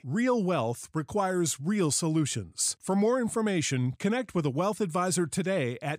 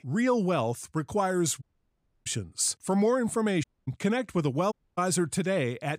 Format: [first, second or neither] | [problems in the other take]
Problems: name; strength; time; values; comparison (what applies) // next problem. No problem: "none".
first | audio cutting out; at 1.5 s for 0.5 s, at 3.5 s and at 4.5 s